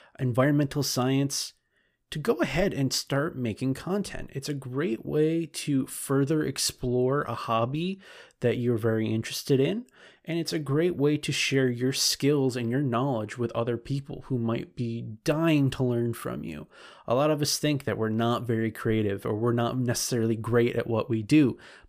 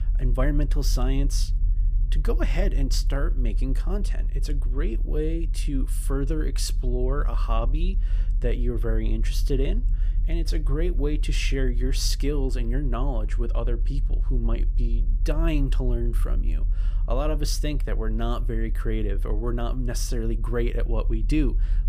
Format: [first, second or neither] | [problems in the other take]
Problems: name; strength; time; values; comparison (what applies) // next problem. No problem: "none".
first | low rumble; noticeable; throughout; 20 dB below the speech